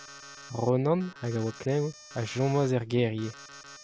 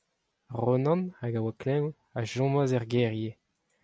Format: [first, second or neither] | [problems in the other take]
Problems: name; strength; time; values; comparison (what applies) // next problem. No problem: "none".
second | background sound (Alarm); 19 dB below the speech